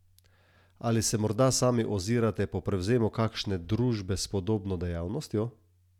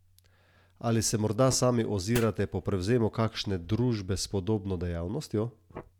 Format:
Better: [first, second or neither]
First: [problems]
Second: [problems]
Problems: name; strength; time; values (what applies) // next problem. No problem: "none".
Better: first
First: none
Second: background sound (Fire); 20 dB below the speech